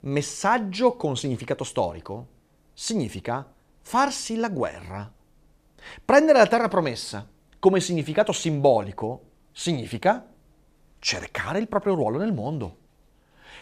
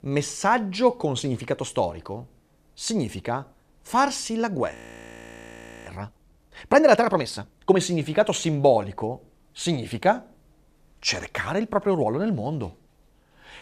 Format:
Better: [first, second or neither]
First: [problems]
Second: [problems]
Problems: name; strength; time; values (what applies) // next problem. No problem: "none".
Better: first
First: none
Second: audio freezing; at 5 s for 1 s